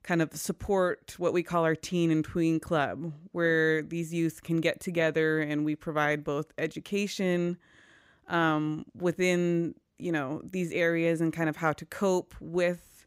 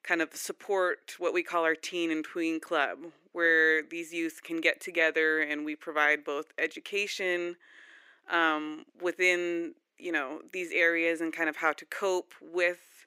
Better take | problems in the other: first | thin; very; fading below 350 Hz

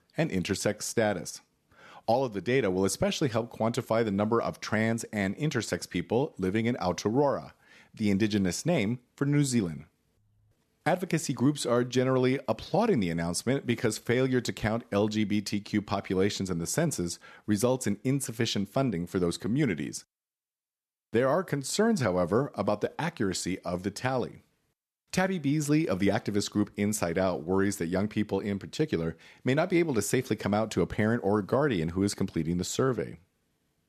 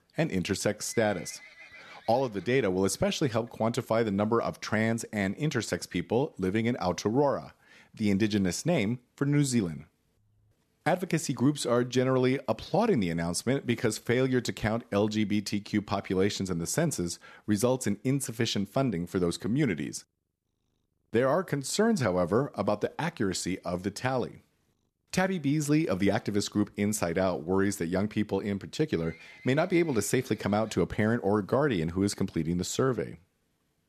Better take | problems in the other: first | animal sounds; faint; throughout; 25 dB below the speech

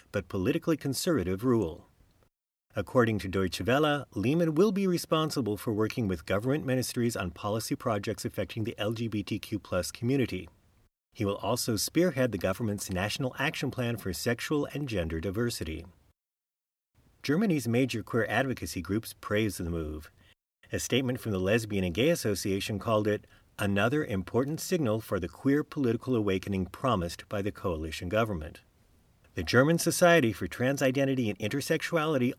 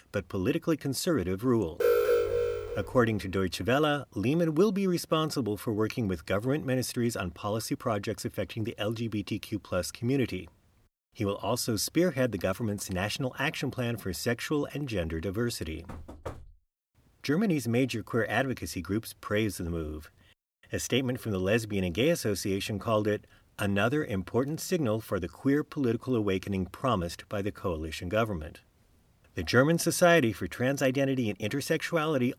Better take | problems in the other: first | alarm; loud; from 2 to 3 s; peak 5 dB above the speech // door banging; faint; at 16 s; peak 15 dB below the speech

